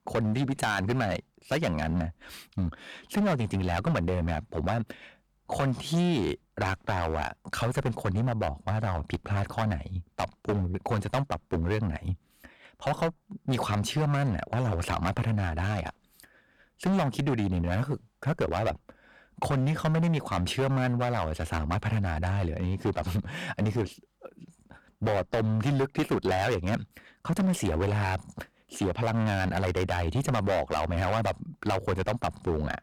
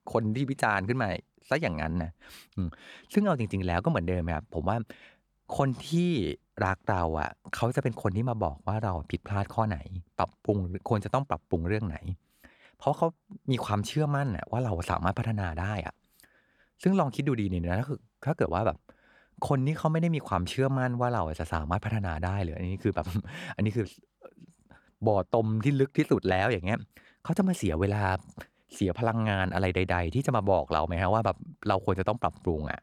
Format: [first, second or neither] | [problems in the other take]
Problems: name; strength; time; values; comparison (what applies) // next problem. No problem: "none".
second | distortion; heavy; 11% of the sound clipped